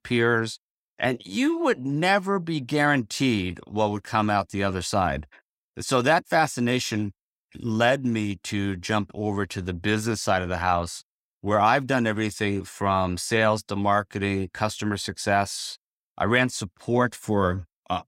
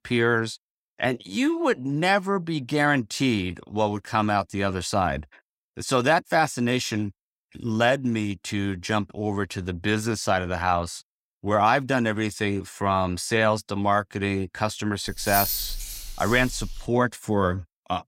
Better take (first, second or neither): first